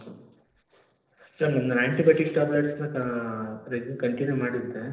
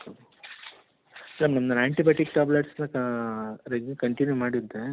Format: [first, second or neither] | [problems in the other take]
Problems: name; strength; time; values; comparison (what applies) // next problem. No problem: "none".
second | noise reduction (neural separator model SepFormer DNS4)